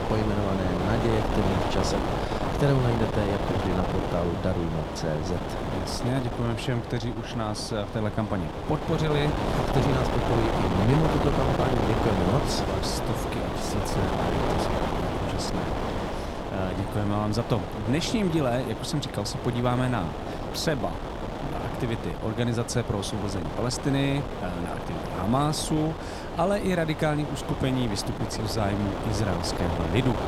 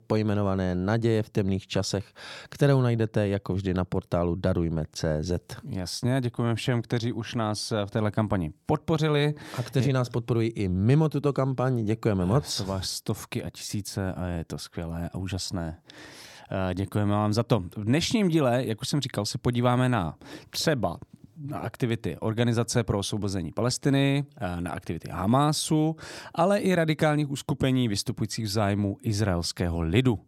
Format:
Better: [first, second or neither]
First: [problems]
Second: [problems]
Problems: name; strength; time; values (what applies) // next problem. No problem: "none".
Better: second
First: wind noise on the microphone; heavy; as loud as the speech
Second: none